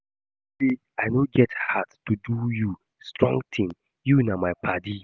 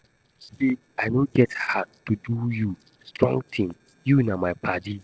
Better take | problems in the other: first | noise reduction (neural separator model SepFormer DNS4)

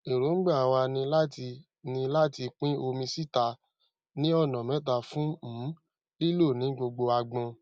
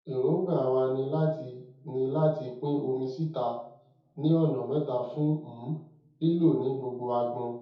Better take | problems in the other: first | room echo; dies away in 0.6 s

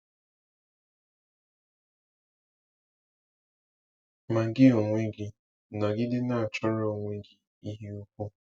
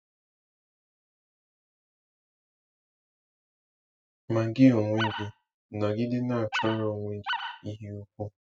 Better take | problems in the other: first | noise reduction (neural mask model RNNoise)

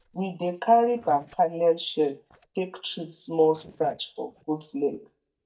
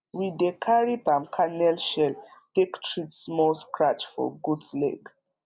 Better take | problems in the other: second | noise reduction (neural mask model DeepFilterNet 3)

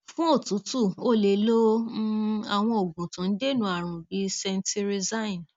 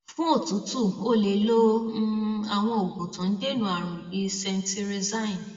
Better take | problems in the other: first | room echo; dies away in 1.5 s

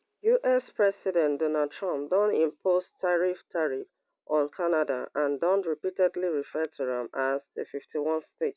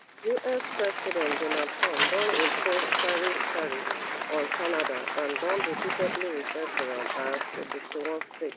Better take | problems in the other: first | background sound (Applause + Cutlery, silverware); 1 dB above the speech

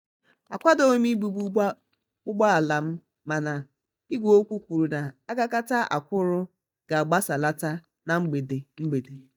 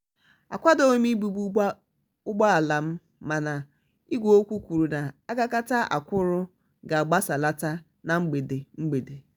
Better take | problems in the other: second | noise reduction (neural mask model DeepFilterNet 3)

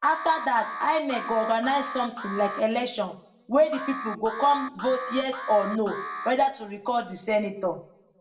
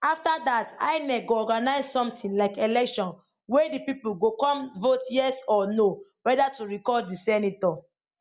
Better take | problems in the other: second | background sound (Alarm); 10 dB below the speech // room echo; dies away in 0.5 s

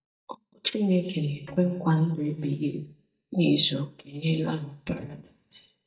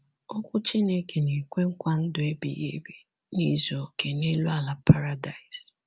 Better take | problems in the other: second | noise reduction (neural mask model DeepFilterNet 3)

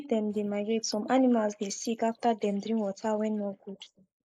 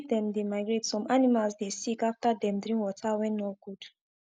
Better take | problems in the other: second | noise reduction (neural mask model Resemble Enhance denoiser)

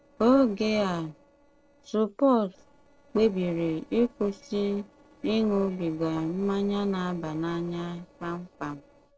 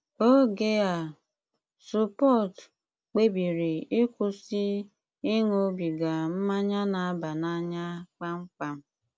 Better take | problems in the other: second | noise reduction (neural separator model SepFormer DNS4)

